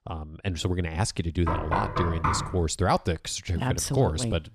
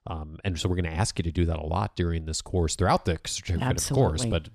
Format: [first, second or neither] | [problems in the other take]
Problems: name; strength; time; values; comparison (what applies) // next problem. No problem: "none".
second | door banging; noticeable; from 1.5 to 2.5 s; peak level with the speech